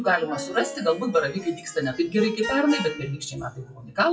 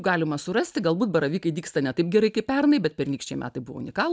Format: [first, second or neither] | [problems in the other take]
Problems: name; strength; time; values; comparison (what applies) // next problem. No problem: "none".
second | noise reduction (classical method WPE with log-MMSE)